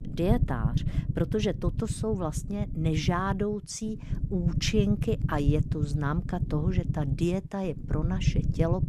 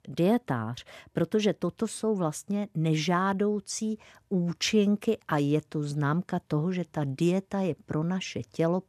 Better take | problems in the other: second | low rumble; loud; throughout; 10 dB below the speech

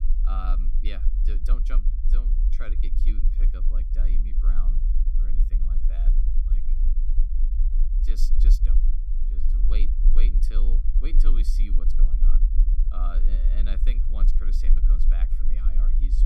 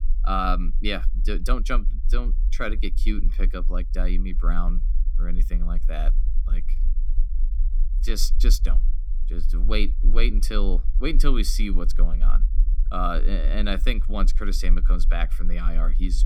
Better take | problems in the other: second | low rumble; loud; throughout; 6 dB below the speech; faint in the second

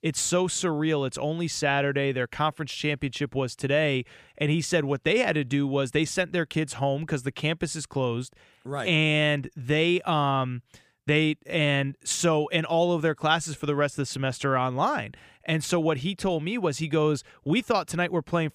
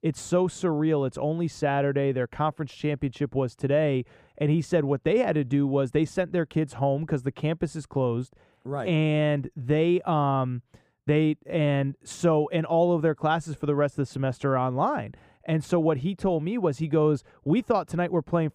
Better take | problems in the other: first | muffled; slightly; fading above 1.5 kHz

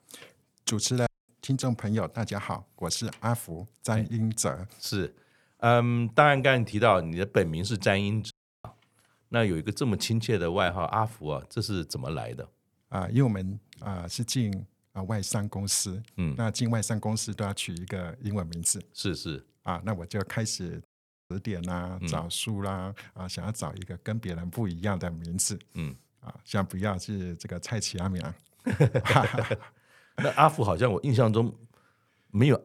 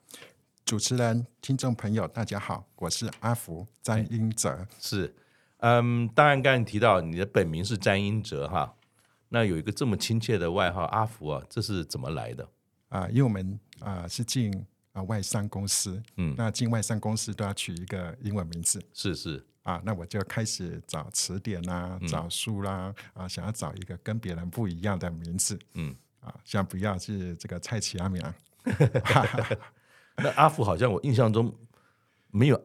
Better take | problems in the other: second | audio cutting out; at 1 s, at 8.5 s and at 21 s

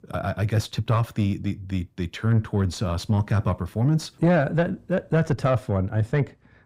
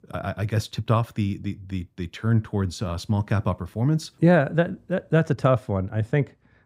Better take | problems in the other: second | distortion; slight; 10 dB below the speech

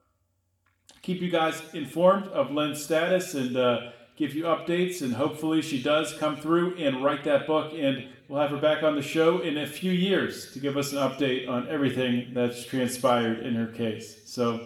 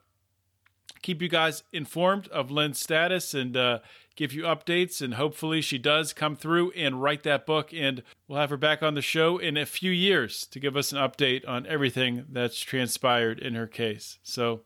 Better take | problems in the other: second | room echo; slight; dies away in 0.7 s // off-mic speech; somewhat distant

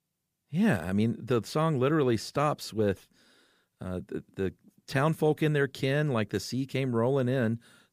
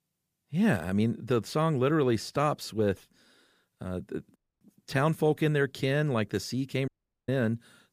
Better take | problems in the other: first | audio cutting out; at 4.5 s and at 7 s

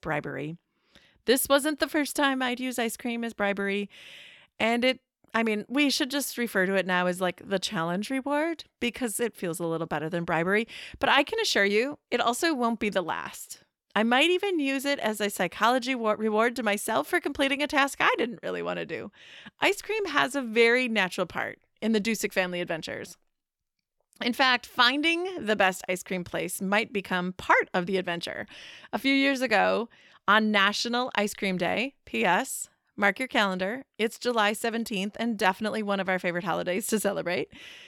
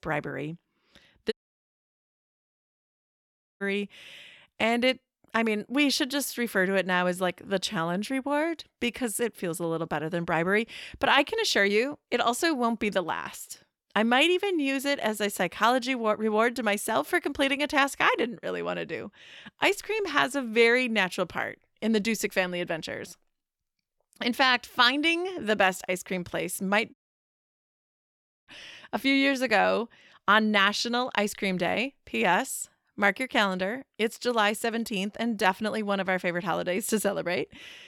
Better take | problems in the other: first | audio cutting out; at 1.5 s for 2.5 s and at 27 s for 1.5 s

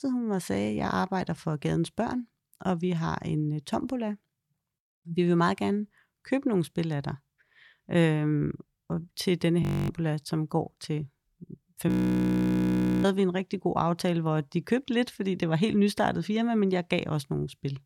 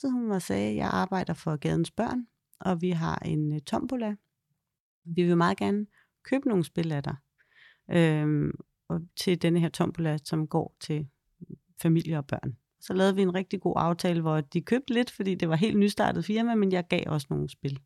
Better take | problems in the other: second | audio freezing; at 9.5 s and at 12 s for 1 s

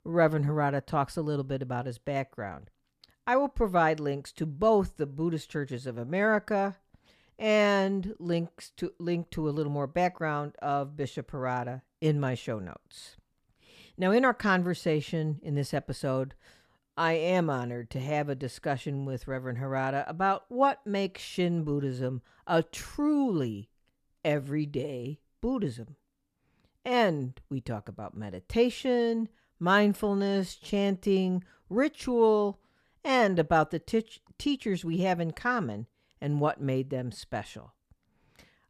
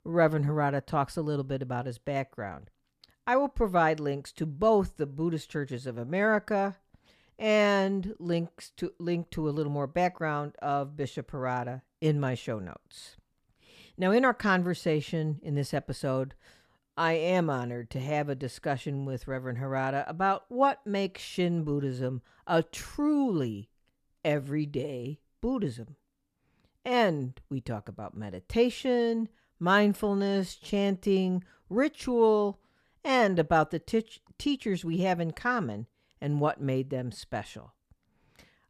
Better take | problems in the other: neither | none

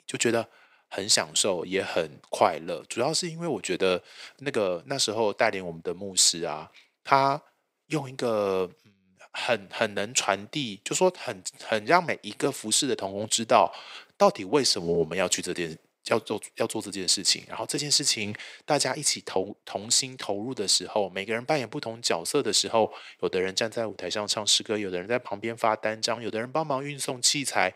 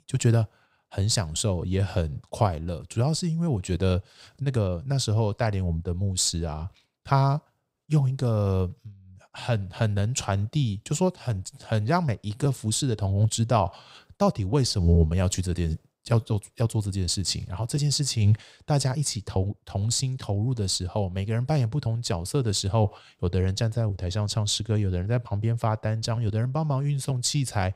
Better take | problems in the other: second | thin; very; fading below 300 Hz

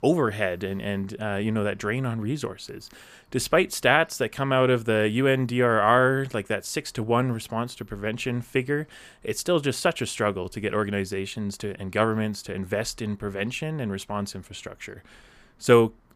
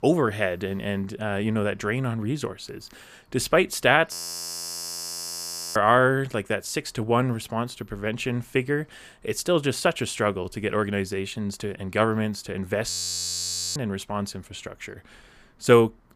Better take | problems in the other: first | audio freezing; at 4 s for 1.5 s and at 13 s for 1 s

